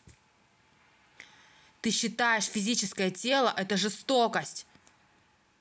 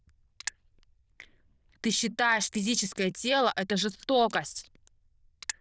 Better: first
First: none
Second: noise reduction (neural diffusion model UNIVERSE++)

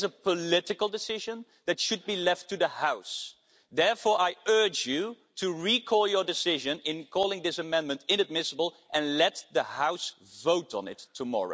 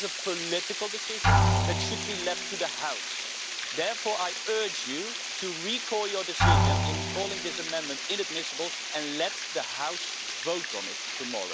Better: first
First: none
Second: background sound (Water + Drum); 4 dB above the speech

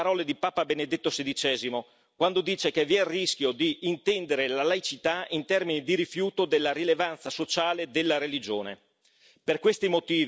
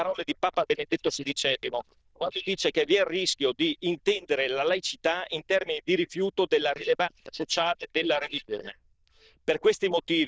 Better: first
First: none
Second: noise reduction (neural diffusion model UNIVERSE++)

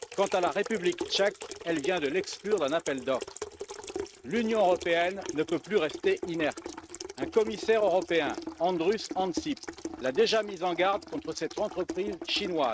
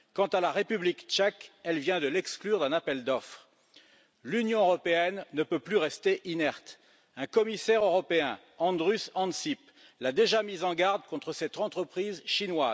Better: second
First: noise reduction (neural mask model RNNoise)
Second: none

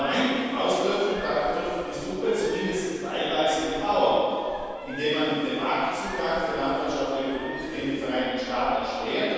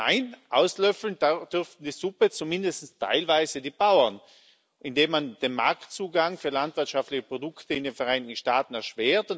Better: second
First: background sound (Bird); 16 dB below the speech // room echo; dies away in 2.1 s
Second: none

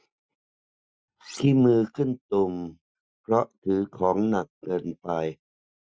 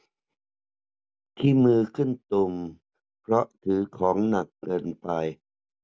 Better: second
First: noise reduction (classical method Wiener filter)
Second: none

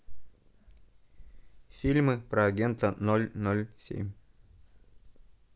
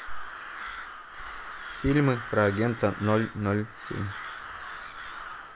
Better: first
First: none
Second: background sound (Crow); 10 dB below the speech

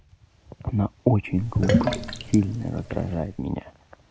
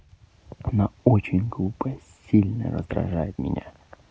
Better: second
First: background sound (Sink (filling or washing)); 1 dB below the speech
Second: none

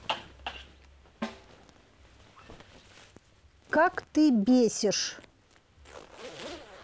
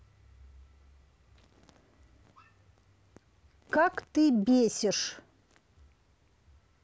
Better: second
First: background sound (Zipper (clothing) + Snare drum); 14 dB below the speech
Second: none

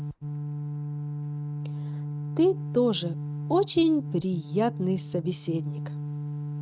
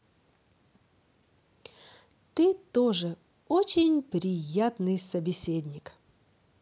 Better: second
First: noise reduction (neural mask model RNNoise)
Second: none

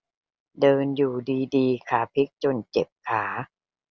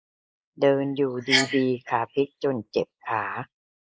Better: first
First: none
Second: noise reduction (neural mask model Resemble Enhance denoiser)

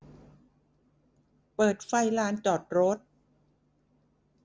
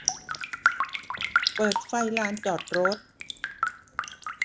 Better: first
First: none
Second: background sound (Raindrop); 2 dB above the speech

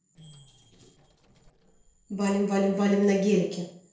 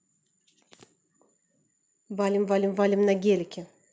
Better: second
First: noise reduction (neural separator model SepFormer DNS4)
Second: none

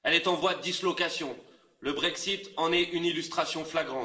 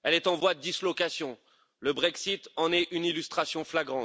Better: second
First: room echo; dies away in 0.6 s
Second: none

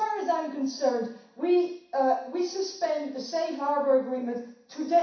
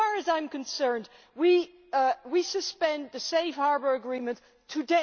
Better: second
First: room echo; dies away in 0.6 s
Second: none

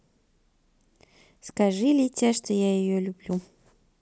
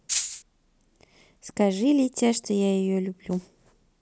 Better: first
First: none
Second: background sound (Rattle (instrument)); 2 dB below the speech

